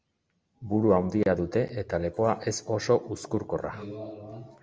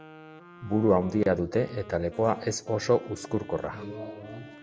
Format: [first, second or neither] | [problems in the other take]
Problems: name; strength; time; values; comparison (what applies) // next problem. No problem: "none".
first | background sound (Wind instrument, woodwind instrument); 20 dB below the speech